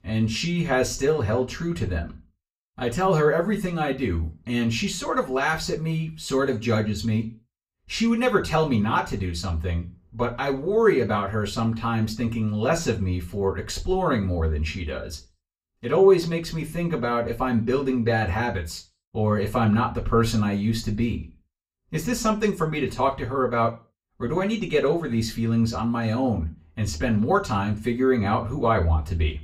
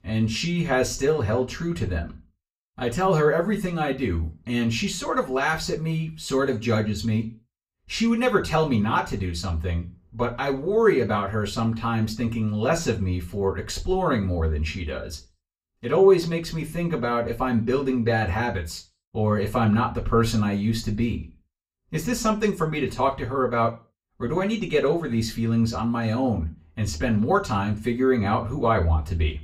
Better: neither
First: room echo; very slight; dies away in 0.3 s // off-mic speech; far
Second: room echo; very slight; dies away in 0.3 s // off-mic speech; far

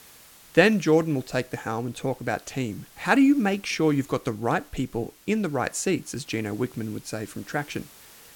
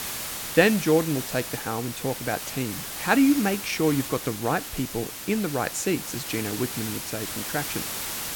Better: first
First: hiss; faint; throughout; 25 dB below the speech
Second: hiss; loud; throughout; 6 dB below the speech

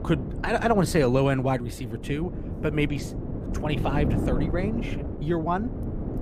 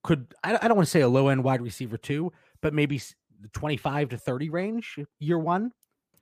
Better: second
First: wind noise on the microphone; occasional gusts; 10 dB below the speech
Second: none

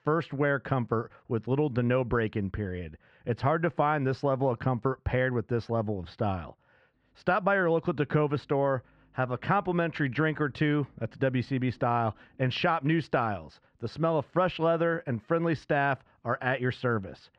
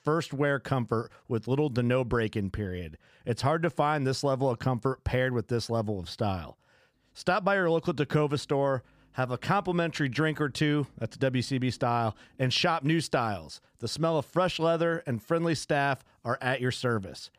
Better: second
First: muffled; slightly; fading above 2 kHz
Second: none

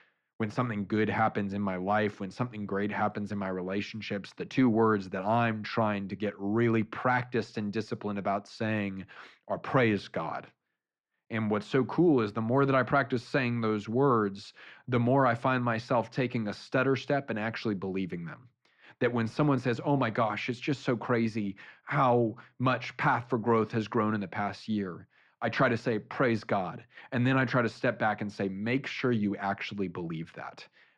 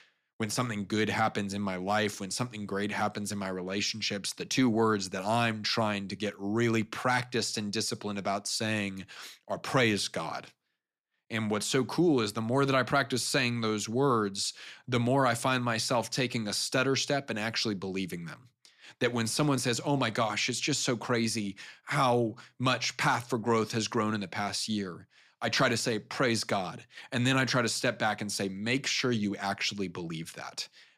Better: second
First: muffled; very; fading above 2 kHz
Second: none

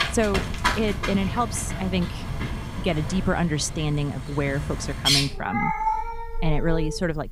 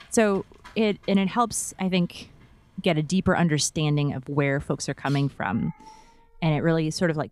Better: second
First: animal sounds; loud; throughout; 1 dB below the speech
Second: animal sounds; faint; throughout; 30 dB below the speech

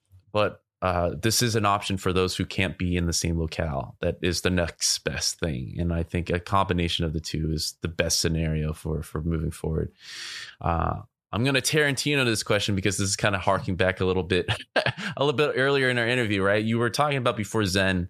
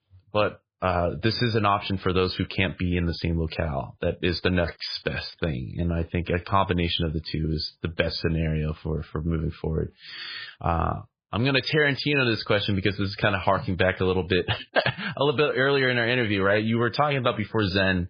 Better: first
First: none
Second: garbled, watery; badly; nothing above 5 kHz

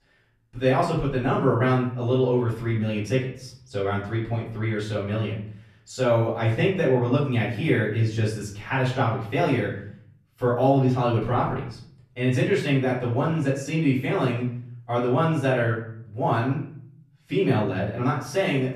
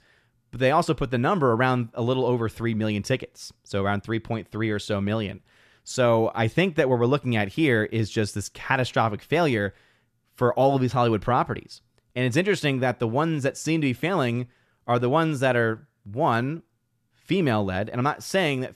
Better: second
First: off-mic speech; far // room echo; noticeable; dies away in 0.6 s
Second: none

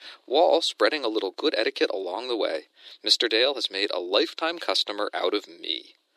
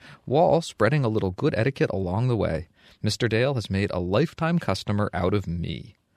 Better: second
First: thin; very; fading below 300 Hz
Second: none

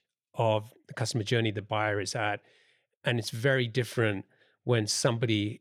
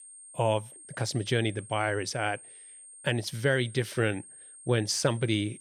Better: first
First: none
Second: high-pitched whine; noticeable; throughout; 8.5 kHz, 15 dB below the speech

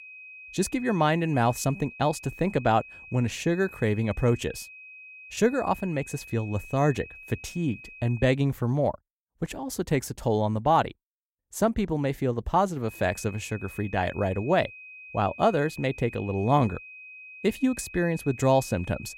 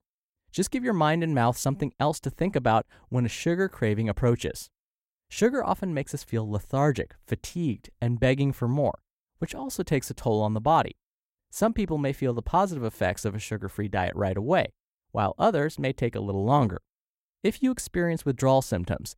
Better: second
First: high-pitched whine; noticeable; until 8.5 s and from 13 s on; 2.5 kHz, 15 dB below the speech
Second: none

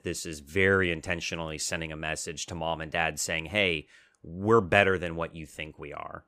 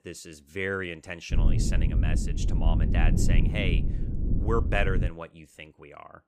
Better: first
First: none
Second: low rumble; loud; from 1.5 to 5 s; 7 dB below the speech

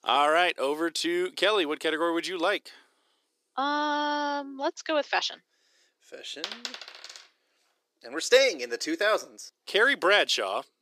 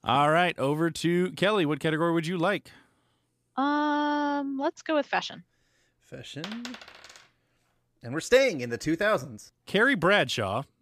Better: second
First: thin; somewhat; fading below 350 Hz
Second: none

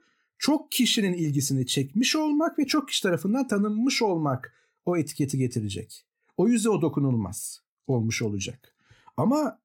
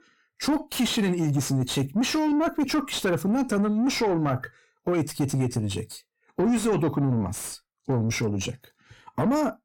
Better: first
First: none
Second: distortion; slight; 10 dB below the speech

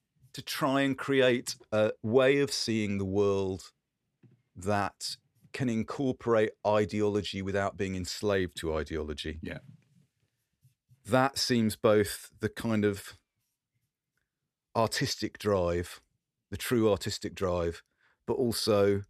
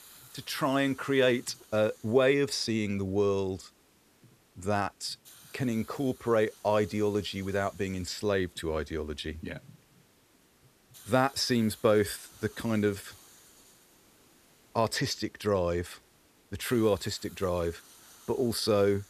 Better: first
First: none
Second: hiss; faint; throughout; 25 dB below the speech

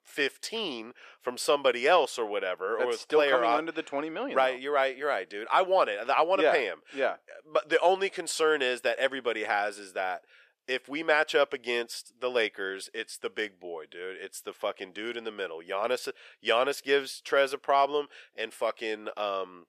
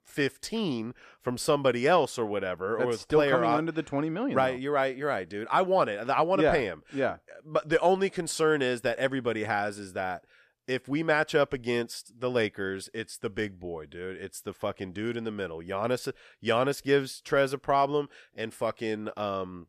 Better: second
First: thin; somewhat; fading below 500 Hz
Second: none

